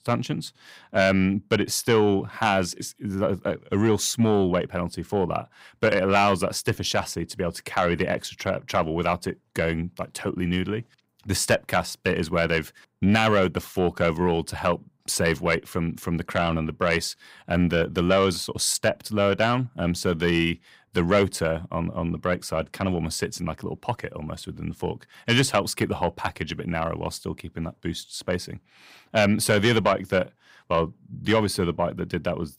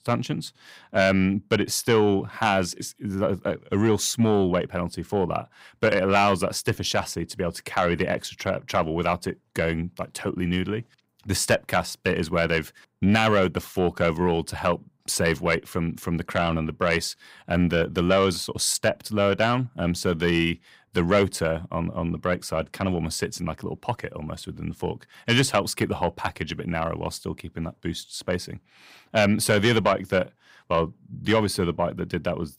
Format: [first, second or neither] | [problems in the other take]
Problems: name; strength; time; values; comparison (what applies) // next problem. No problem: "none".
neither | distortion; slight; 10 dB below the speech; the same in both